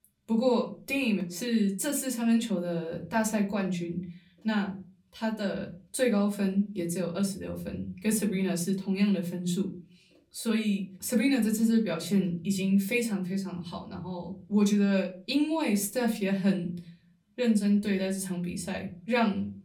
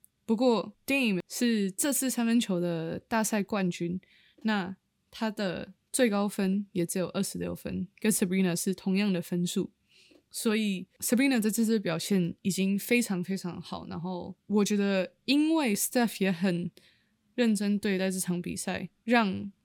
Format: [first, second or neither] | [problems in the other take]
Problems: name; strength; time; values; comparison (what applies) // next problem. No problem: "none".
second | off-mic speech; far // room echo; very slight; dies away in 0.4 s